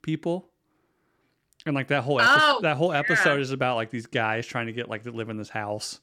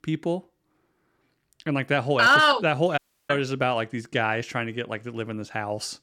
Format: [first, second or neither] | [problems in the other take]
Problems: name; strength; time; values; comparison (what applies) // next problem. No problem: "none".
first | audio cutting out; at 3 s